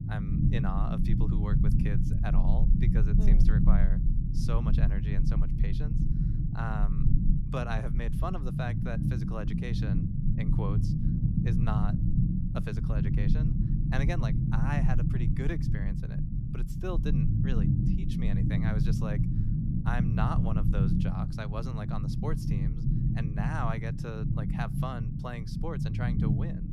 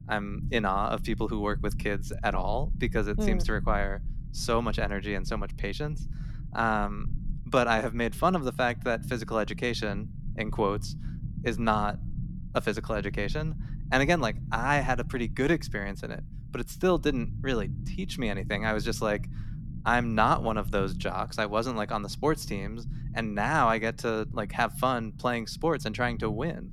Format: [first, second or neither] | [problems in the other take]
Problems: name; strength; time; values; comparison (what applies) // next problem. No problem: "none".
second | low rumble; loud; throughout; as loud as the speech; faint in the second